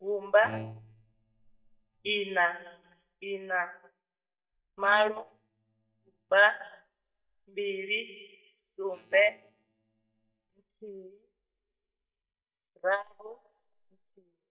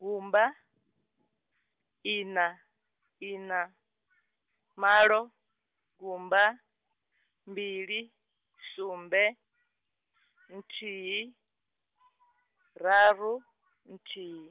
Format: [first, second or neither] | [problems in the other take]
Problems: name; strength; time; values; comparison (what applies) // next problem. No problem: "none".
second | noise reduction (neural mask model DeepFilterNet 3)